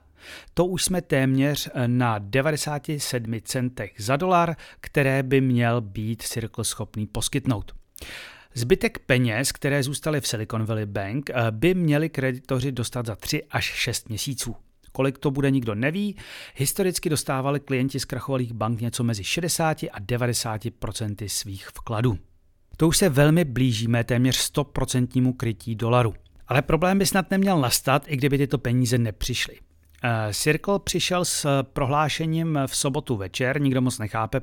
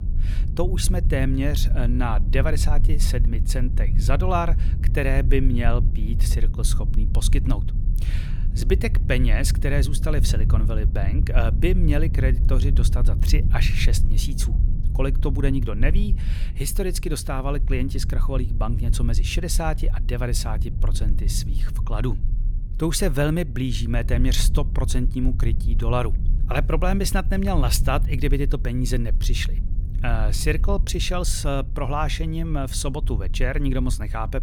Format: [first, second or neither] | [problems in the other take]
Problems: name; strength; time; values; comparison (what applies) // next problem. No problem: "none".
first | low rumble; noticeable; throughout; 15 dB below the speech